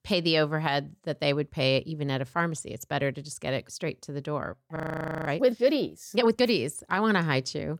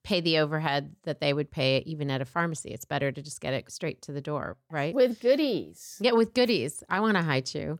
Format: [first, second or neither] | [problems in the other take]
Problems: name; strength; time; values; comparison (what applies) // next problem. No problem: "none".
second | audio freezing; at 5 s for 0.5 s